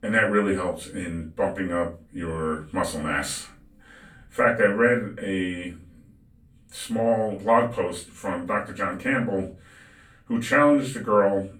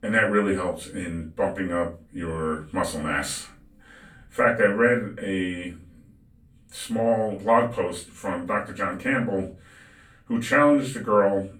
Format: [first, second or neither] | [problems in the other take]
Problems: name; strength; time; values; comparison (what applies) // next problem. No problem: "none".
neither | off-mic speech; far; the same in both // room echo; slight; dies away in 0.3 s; the same in both